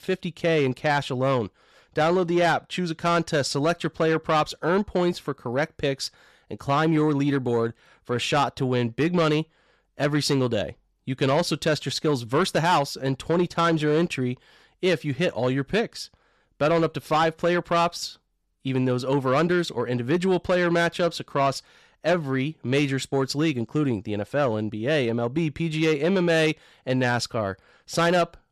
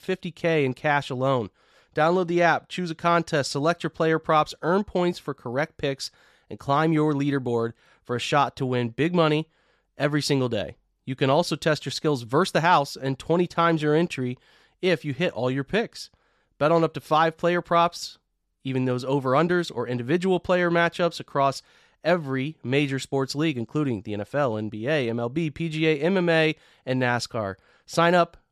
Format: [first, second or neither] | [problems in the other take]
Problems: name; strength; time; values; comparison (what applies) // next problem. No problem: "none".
second | distortion; slight; 10 dB below the speech